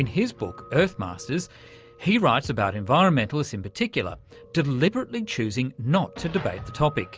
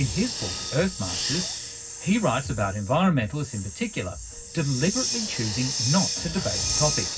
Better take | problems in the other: first | background sound (Hiss); 4 dB below the speech // room echo; dies away in 0.4 s

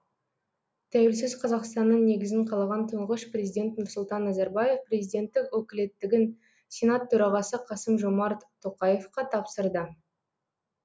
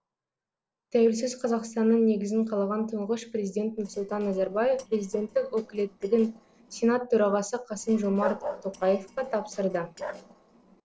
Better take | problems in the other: first | noise reduction (neural separator model SepFormer DNS4)

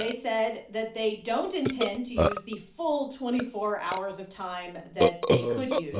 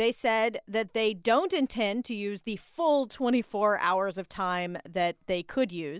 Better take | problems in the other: second | background sound (Burping, eructation); as loud as the speech // room echo; dies away in 0.4 s

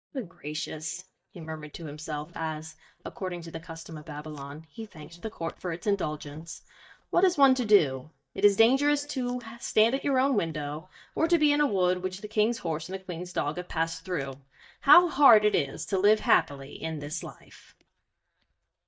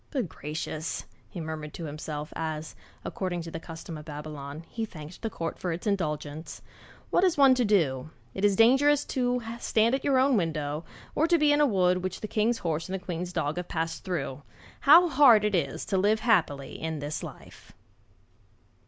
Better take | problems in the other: second | noise reduction (neural mask model DeepFilterNet 3)

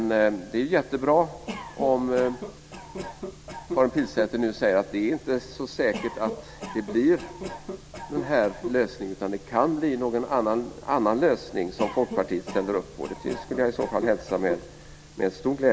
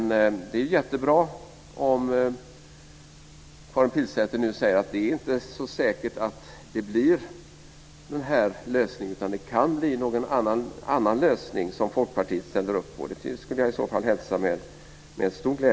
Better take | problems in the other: second | background sound (Cough); 12 dB below the speech

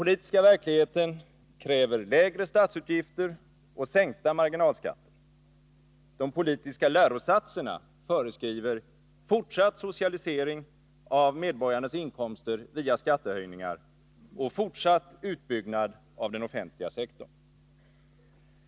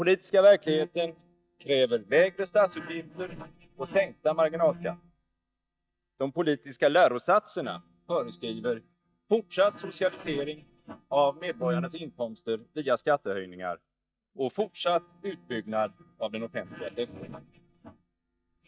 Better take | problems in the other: first | noise reduction (neural mask model DeepFilterNet 3)

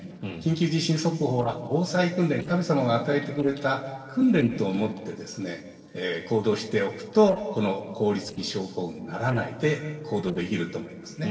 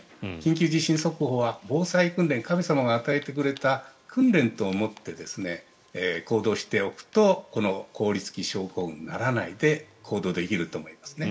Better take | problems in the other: second | noise reduction (neural separator model SepFormer DNS4)

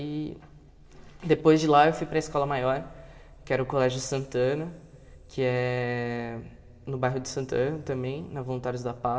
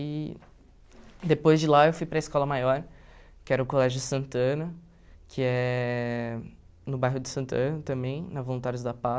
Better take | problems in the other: second | room echo; dies away in 2.6 s

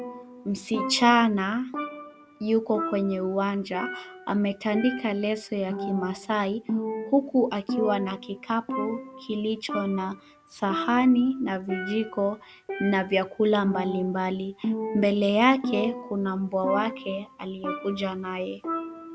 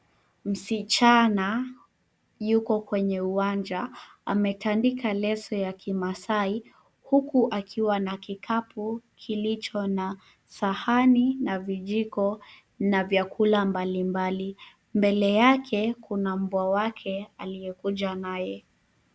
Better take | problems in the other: second | background sound (Percussion); 9 dB below the speech

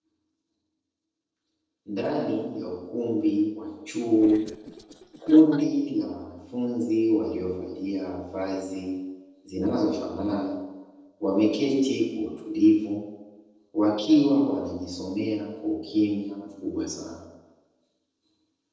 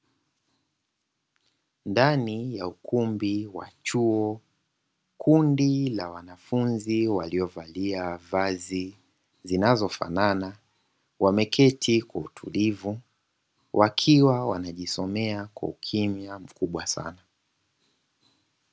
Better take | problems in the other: second | noise reduction (neural separator model SepFormer DNS4)

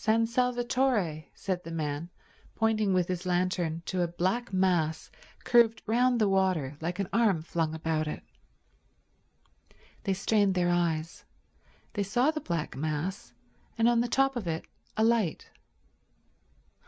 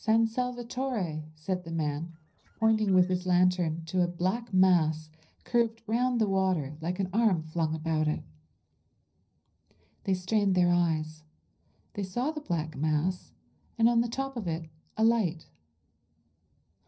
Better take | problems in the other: first | noise reduction (neural separator model SepFormer DNS4)

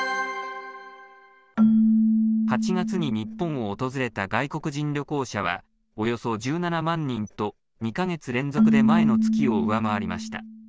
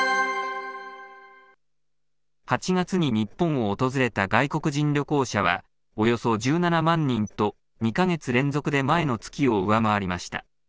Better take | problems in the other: second | background sound (Keyboard (musical)); 3 dB above the speech

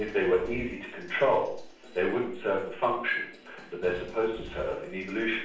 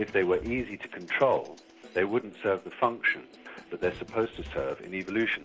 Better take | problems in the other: second | room echo; dies away in 0.5 s

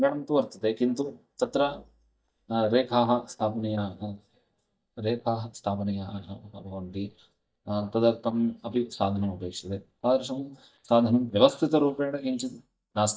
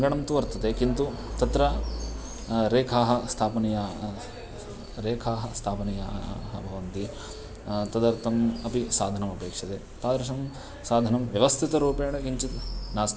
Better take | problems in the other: second | noise reduction (neural mask model DeepFilterNet 3)

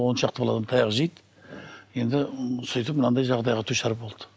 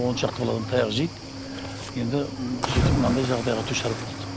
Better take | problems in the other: first | background sound (Cricket / Waves, surf); 3 dB below the speech

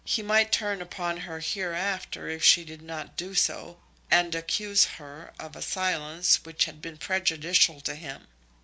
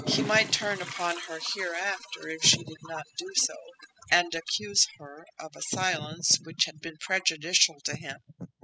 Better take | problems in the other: first | noise reduction (classical method spectral subtraction)

